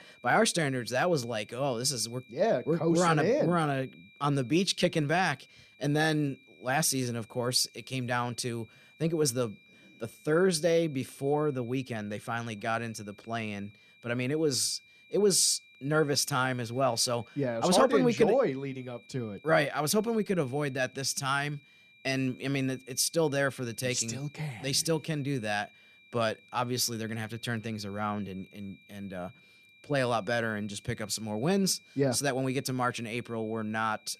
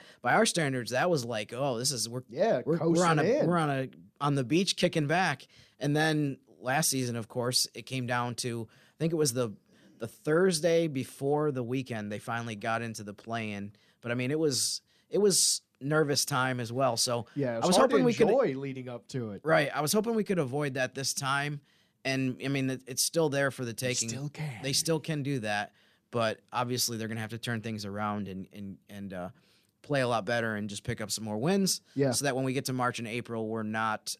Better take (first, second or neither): second